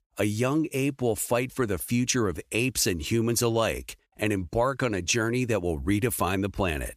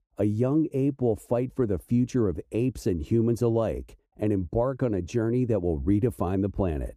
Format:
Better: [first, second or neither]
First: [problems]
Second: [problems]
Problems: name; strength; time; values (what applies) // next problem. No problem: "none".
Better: first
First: none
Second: muffled; very; fading above 1 kHz